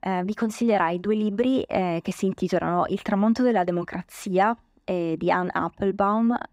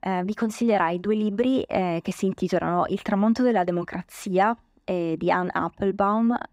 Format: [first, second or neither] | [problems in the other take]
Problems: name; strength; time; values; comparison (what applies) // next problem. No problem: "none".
neither | none